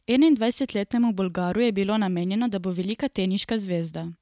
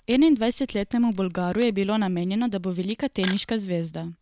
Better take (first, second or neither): first